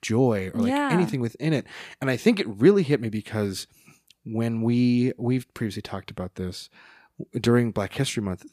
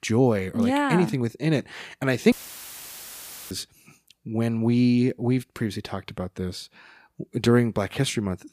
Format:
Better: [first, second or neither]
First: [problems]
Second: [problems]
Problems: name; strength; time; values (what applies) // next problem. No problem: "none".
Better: first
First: none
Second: audio cutting out; filled with static; at 2.5 s for 1 s